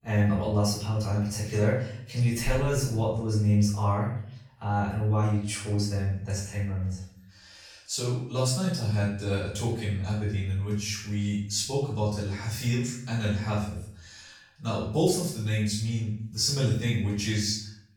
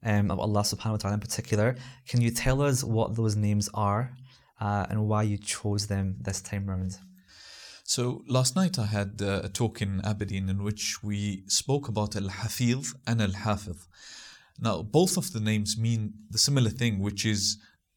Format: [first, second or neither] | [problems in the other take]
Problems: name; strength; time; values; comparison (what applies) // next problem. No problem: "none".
second | off-mic speech; far // room echo; noticeable; dies away in 0.6 s